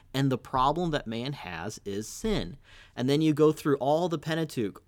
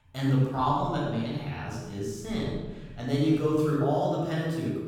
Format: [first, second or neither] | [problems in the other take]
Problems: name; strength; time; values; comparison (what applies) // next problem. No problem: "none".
first | off-mic speech; far // room echo; strong; dies away in 1.5 s